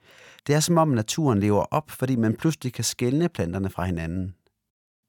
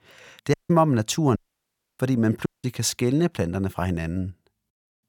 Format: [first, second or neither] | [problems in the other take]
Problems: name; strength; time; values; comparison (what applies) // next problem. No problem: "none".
first | audio cutting out; at 0.5 s, at 1.5 s for 0.5 s and at 2.5 s